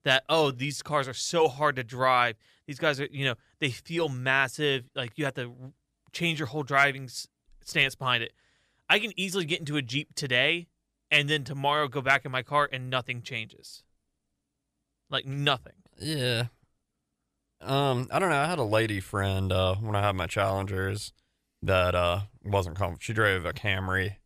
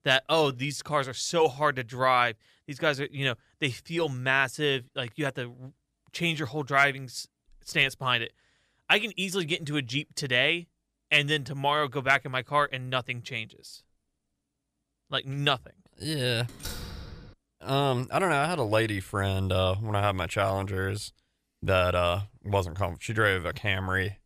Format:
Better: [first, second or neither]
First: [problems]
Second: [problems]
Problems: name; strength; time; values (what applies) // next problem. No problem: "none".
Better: first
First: none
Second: door banging; faint; at 16 s; peak 10 dB below the speech